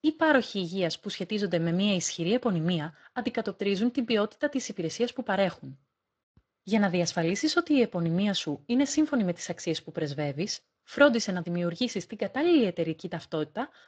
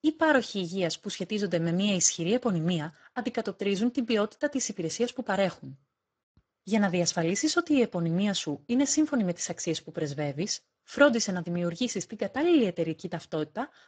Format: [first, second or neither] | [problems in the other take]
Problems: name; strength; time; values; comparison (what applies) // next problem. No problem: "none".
first | garbled, watery; badly; nothing above 7.5 kHz; slightly in the first